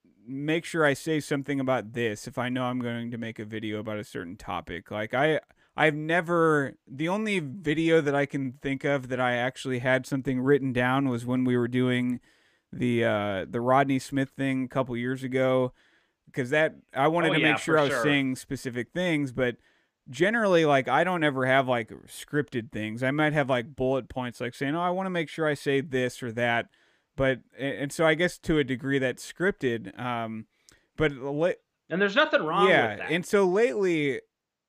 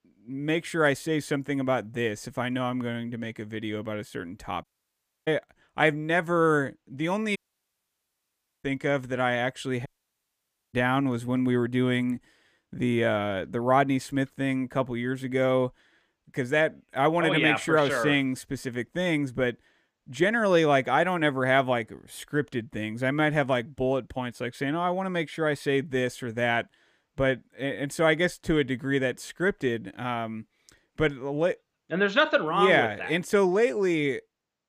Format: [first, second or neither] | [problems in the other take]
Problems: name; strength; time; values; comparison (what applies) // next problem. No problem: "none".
first | audio cutting out; at 4.5 s for 0.5 s, at 7.5 s for 1.5 s and at 10 s for 1 s